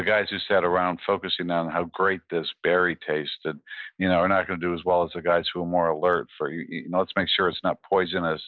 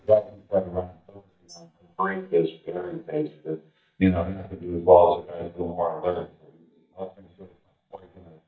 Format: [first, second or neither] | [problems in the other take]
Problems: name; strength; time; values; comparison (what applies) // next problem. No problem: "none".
first | noise reduction (neural mask model DeepFilterNet 3)